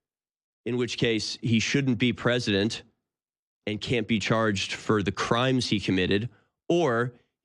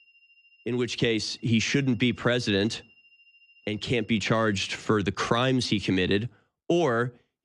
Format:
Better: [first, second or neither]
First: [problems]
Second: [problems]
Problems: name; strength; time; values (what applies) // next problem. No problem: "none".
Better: first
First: none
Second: high-pitched whine; faint; until 5 s; 3 kHz, 30 dB below the speech